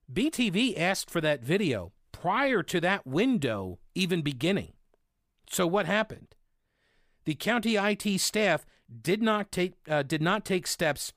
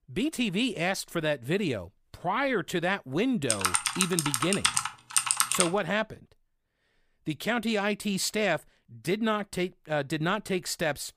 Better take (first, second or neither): first